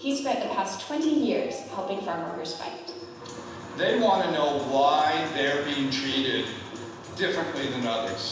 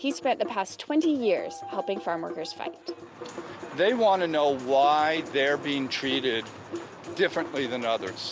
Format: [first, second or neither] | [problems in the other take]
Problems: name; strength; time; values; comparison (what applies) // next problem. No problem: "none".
second | room echo; dies away in 1.1 s